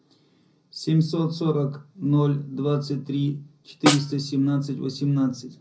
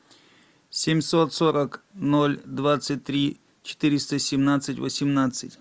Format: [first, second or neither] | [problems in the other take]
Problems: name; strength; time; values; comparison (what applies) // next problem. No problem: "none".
second | background sound (Snare drum); as loud as the speech // room echo; dies away in 0.4 s